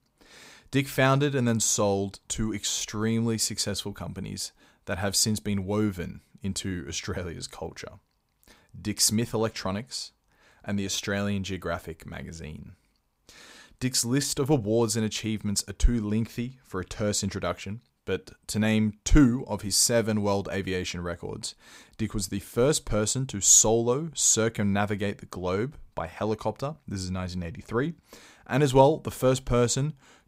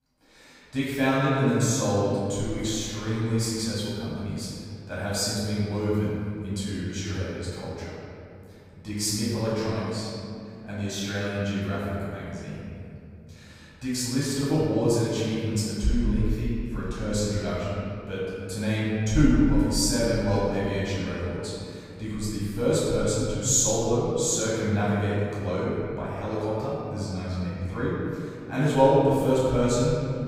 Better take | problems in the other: first | off-mic speech; far // room echo; strong; dies away in 2.6 s

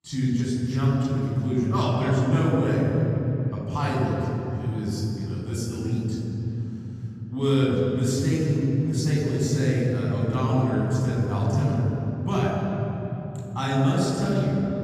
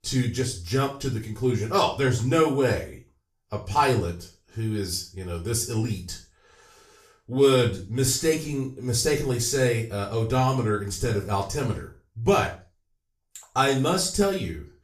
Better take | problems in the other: second | room echo; strong; dies away in 3 s; slight in the second // off-mic speech; far; far in the second

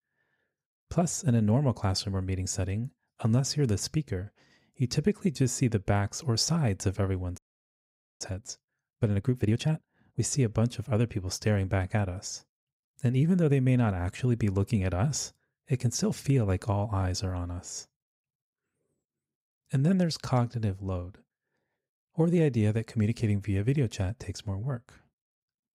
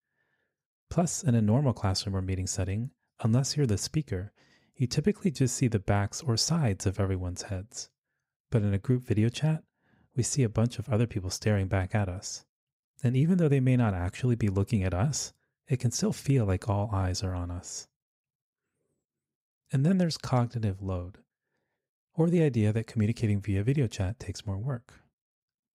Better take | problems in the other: second | audio freezing; at 7.5 s for 1 s

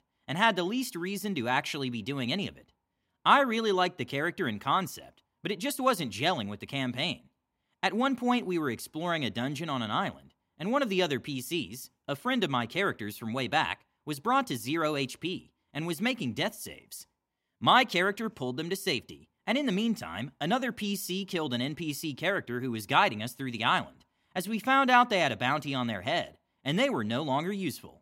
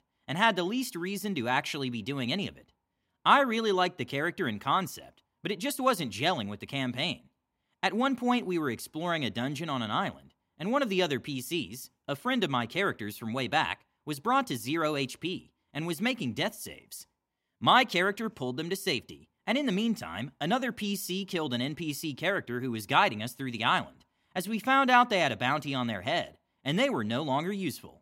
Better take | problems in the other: neither | none

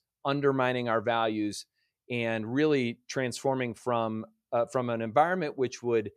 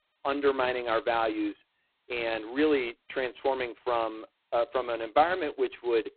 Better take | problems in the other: first | phone-call audio; poor line; nothing above 4 kHz

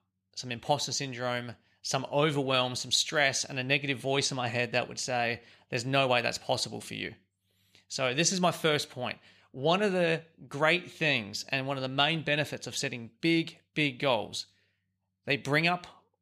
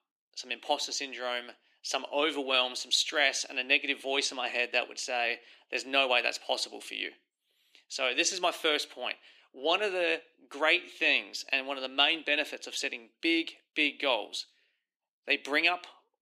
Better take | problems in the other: first | thin; somewhat; fading below 300 Hz

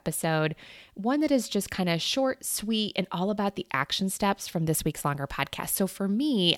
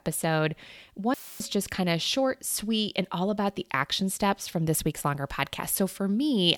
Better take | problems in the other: first | audio cutting out; filled with static; at 1 s

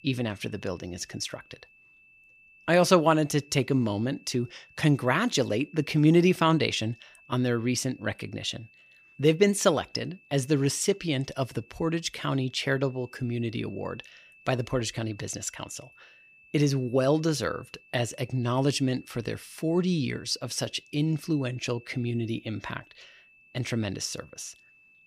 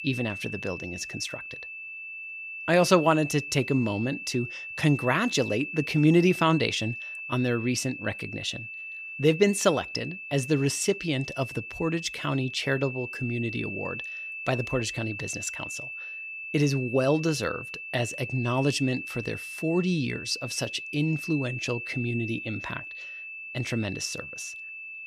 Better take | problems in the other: first | high-pitched whine; loud; throughout; 2.5 kHz, 8 dB below the speech; faint in the first

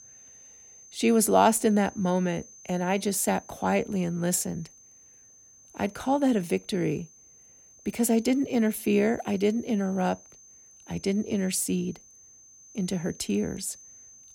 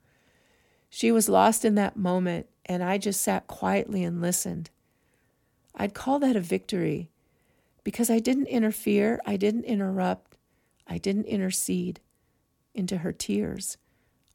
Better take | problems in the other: second | high-pitched whine; faint; throughout; 6.5 kHz, 25 dB below the speech

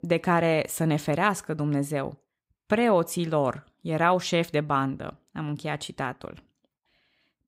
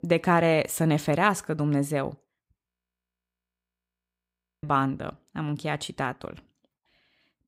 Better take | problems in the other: first | audio freezing; at 2.5 s for 2 s

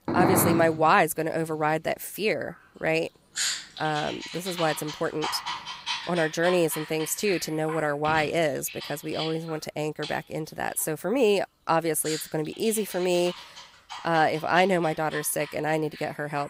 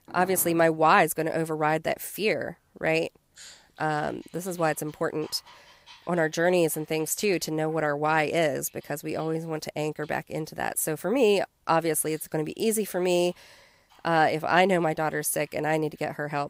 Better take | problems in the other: second | animal sounds; loud; throughout; 7 dB below the speech; faint in the second

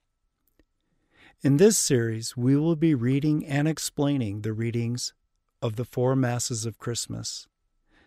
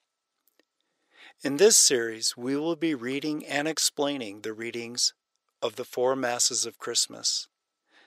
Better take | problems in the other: first | thin; somewhat; fading below 500 Hz

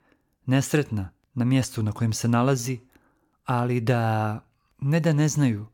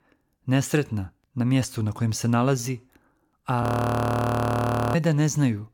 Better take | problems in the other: first | audio freezing; at 3.5 s for 1.5 s

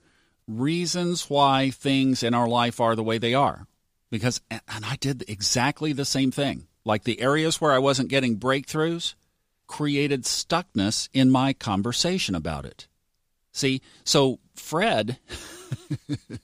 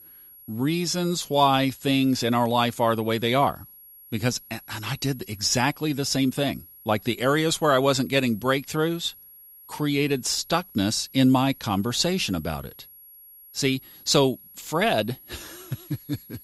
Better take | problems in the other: first | high-pitched whine; faint; throughout; 11.5 kHz, 20 dB below the speech

